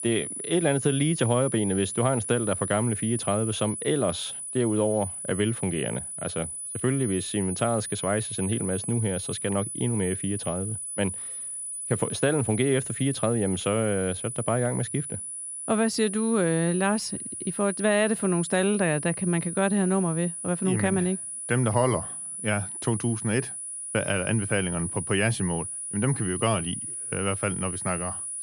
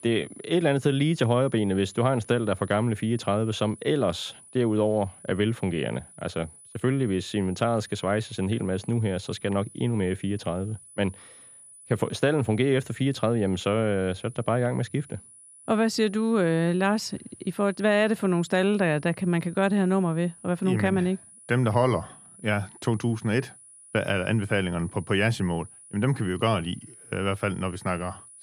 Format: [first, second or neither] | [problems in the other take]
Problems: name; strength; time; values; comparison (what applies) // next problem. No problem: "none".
second | high-pitched whine; loud; throughout; 10 kHz, 5 dB below the speech; faint in the second